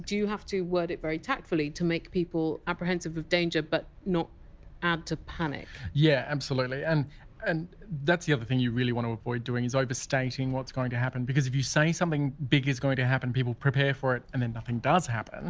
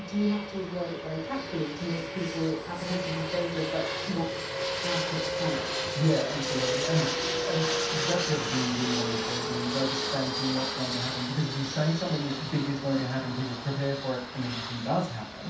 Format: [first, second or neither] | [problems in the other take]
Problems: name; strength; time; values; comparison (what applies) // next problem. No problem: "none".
first | background sound (Fixed-wing aircraft, airplane); 2 dB below the speech // room echo; dies away in 0.7 s